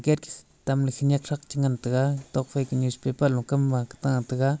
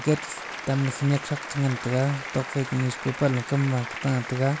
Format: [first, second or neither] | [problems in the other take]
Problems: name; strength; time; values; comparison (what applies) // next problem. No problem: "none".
first | background sound (Applause); 10 dB below the speech